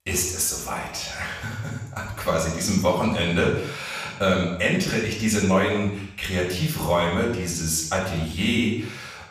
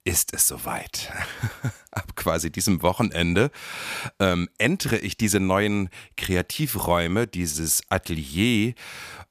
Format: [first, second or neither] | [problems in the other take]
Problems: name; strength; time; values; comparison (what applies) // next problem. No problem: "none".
second | room echo; noticeable; dies away in 0.7 s // off-mic speech; far